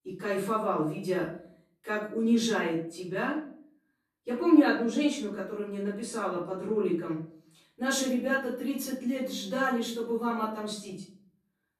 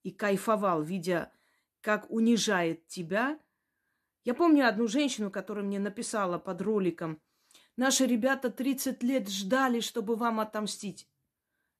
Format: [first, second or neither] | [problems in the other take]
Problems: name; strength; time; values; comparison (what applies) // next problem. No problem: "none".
second | off-mic speech; far // room echo; noticeable; dies away in 0.5 s